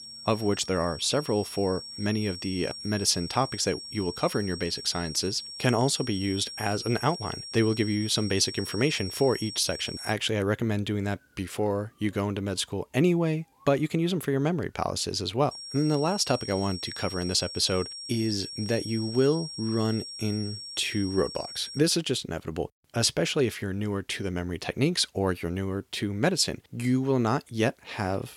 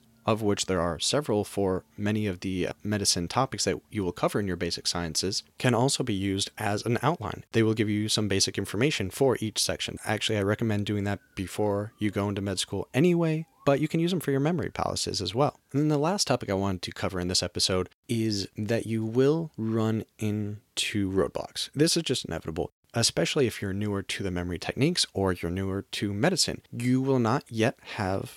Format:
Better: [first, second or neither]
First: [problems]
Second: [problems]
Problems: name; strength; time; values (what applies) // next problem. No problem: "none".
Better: second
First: high-pitched whine; loud; until 10 s and from 16 to 22 s; 5.5 kHz, 10 dB below the speech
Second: none